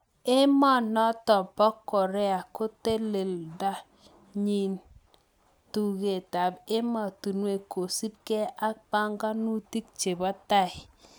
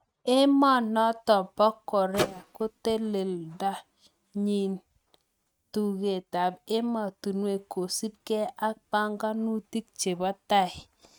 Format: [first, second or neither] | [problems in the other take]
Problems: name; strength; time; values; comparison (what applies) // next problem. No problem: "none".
first | noise reduction (neural mask model RNNoise)